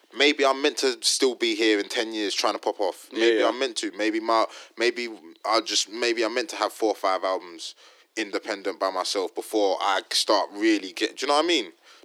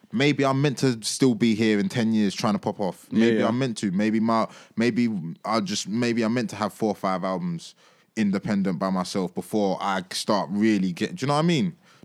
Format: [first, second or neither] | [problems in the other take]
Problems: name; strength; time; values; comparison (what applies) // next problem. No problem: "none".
second | thin; very; fading below 300 Hz